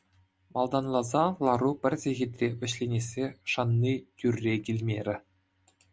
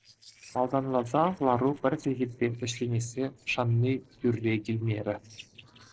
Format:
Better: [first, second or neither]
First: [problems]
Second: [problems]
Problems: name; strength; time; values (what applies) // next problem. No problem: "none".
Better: first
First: none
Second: noise reduction (neural separator model SepFormer DNS4)